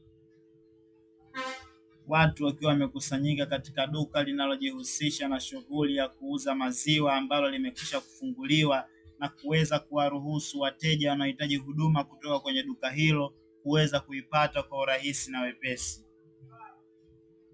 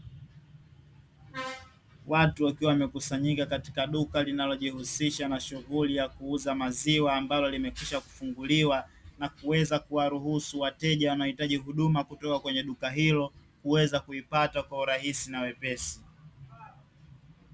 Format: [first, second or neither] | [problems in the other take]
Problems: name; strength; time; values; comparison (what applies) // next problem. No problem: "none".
second | noise reduction (classical method log-MMSE)